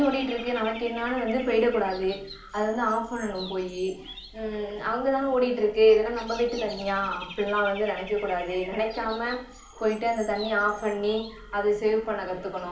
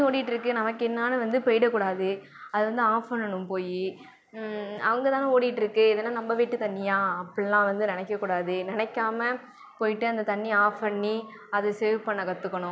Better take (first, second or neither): second